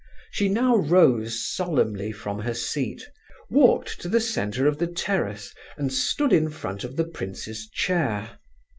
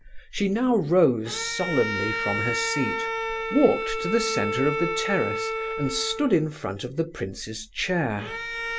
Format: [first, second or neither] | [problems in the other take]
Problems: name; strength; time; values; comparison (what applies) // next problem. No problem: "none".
first | background sound (Bowed string instrument); 5 dB below the speech